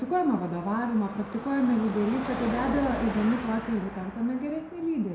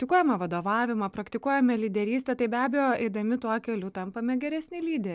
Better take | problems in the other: second | background sound (Car passing by / Traffic noise, roadway noise / Engine); 10 dB below the speech // room echo; dies away in 0.6 s

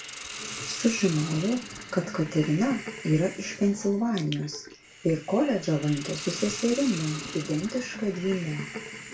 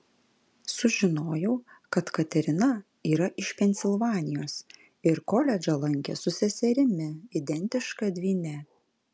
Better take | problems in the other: second | background sound (Hiss); 11 dB below the speech // room echo; dies away in 0.2 s

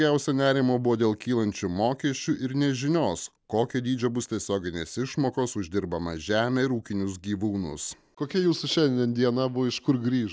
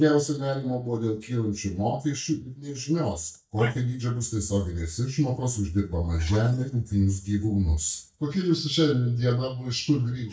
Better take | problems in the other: first | noise reduction (neural mask model DeepFilterNet 3)

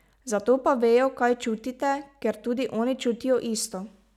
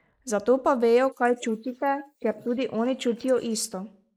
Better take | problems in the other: first | noise reduction (neural mask model Resemble Enhance denoiser)

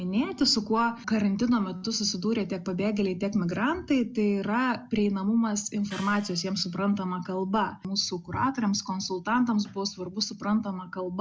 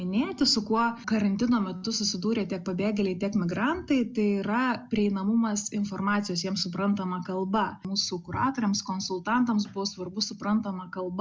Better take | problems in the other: second | background sound (Gong); 20 dB below the speech

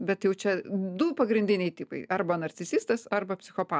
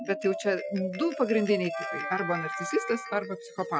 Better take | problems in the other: first | noise reduction (classical method Wiener filter)

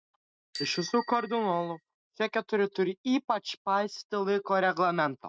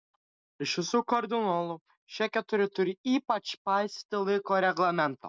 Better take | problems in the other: second | noise reduction (neural mask model RNNoise)

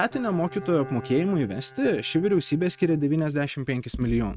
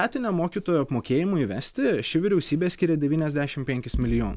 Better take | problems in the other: second | noise reduction (neural mask model RNNoise)

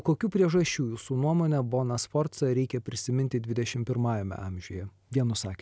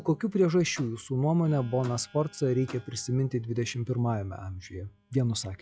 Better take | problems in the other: first | noise reduction (classical method log-MMSE)

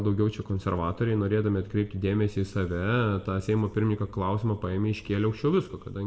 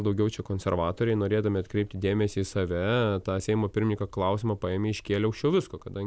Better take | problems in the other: second | room echo; dies away in 1.1 s

